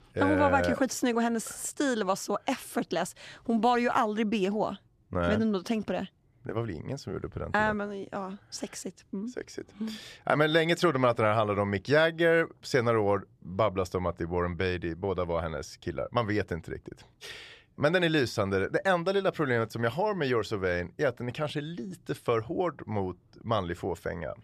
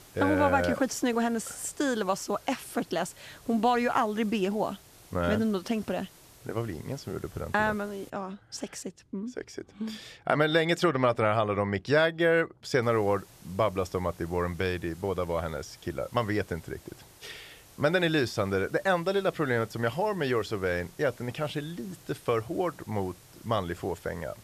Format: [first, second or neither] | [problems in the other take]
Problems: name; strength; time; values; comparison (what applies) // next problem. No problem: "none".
first | hiss; faint; until 8 s and from 13 s on; 25 dB below the speech